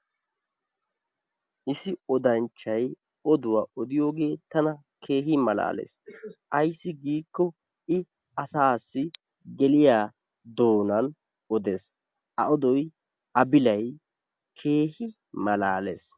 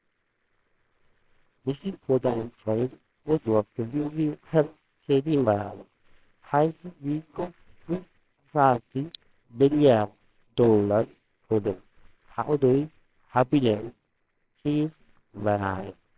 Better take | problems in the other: first | noise reduction (neural separator model SepFormer WHAMR!)

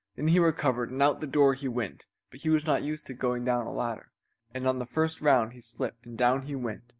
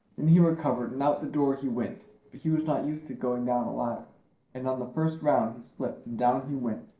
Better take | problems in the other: first | noise reduction (neural separator model SepFormer DNS4)

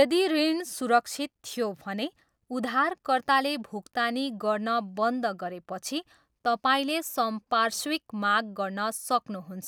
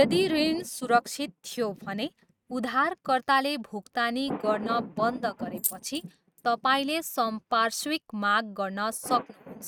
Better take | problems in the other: first | noise reduction (neural mask model RNNoise)

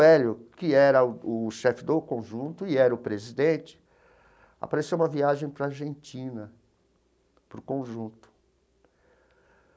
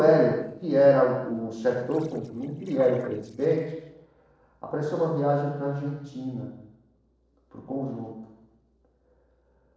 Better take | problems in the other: first | noise reduction (neural separator model SepFormer DNS4)

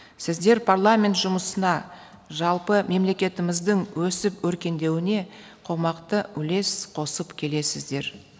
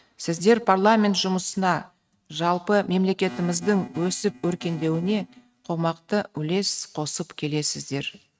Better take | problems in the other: first | noise reduction (neural mask model RNNoise)

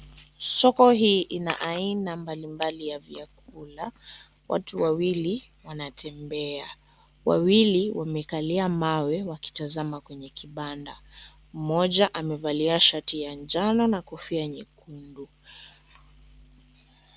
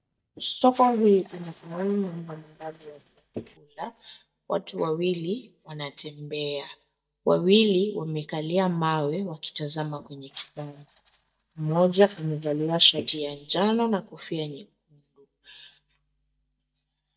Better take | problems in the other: first | noise reduction (neural mask model DeepFilterNet 3)

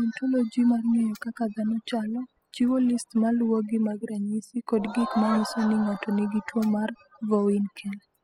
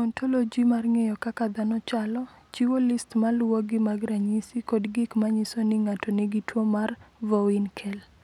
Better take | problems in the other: second | noise reduction (classical method spectral subtraction)

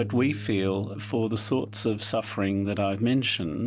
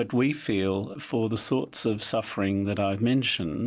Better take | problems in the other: second | background sound (Bass guitar); 13 dB below the speech

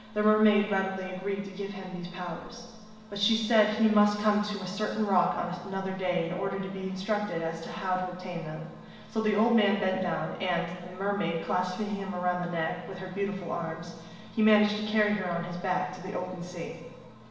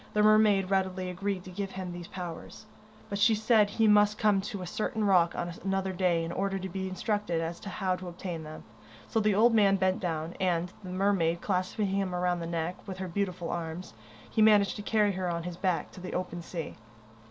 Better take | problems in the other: second | room echo; dies away in 1.2 s

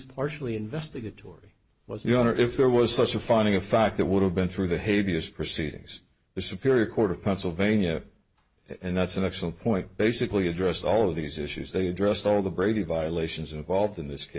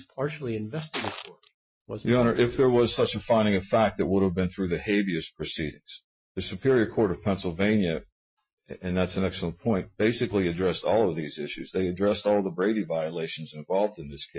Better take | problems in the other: first | noise reduction (classical method Wiener filter)

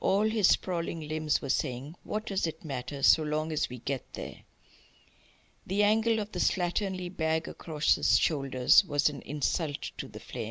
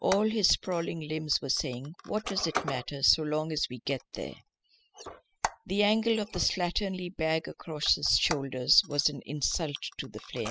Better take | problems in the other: first | noise reduction (classical method spectral subtraction)

